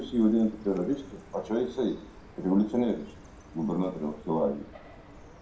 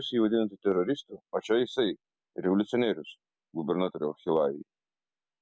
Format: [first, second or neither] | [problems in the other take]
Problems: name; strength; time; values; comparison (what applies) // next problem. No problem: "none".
second | background sound (Chirp, tweet); 19 dB below the speech // room echo; dies away in 0.5 s